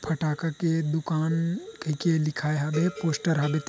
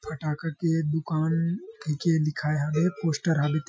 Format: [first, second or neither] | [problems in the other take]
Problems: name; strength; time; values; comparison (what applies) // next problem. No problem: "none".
first | noise reduction (classical method Wiener filter)